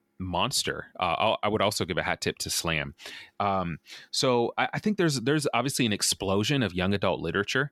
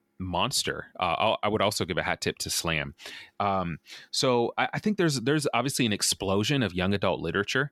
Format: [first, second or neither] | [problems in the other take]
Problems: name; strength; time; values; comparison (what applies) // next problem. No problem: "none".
neither | none